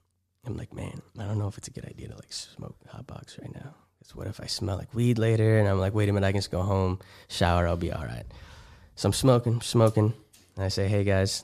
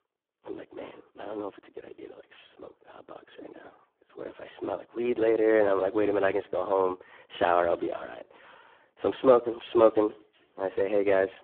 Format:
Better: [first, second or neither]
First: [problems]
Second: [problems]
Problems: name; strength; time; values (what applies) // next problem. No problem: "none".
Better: first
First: none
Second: phone-call audio; poor line